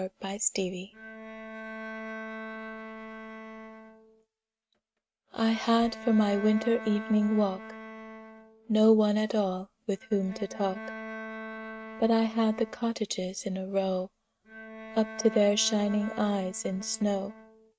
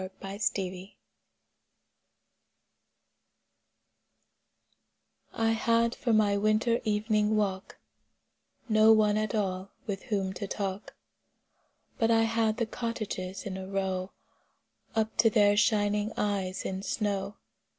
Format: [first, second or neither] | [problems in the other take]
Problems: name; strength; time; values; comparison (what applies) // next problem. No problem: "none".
second | noise reduction (neural mask model RNNoise)